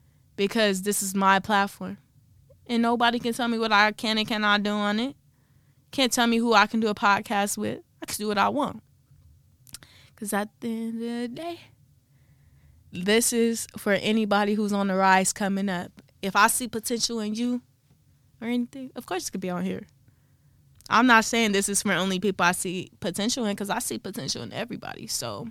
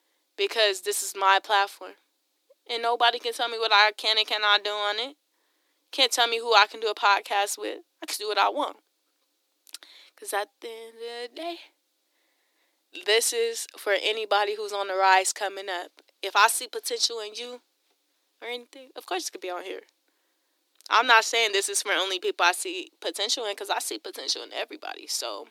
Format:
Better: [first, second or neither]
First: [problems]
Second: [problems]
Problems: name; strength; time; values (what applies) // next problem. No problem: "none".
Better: first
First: none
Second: thin; very; fading below 300 Hz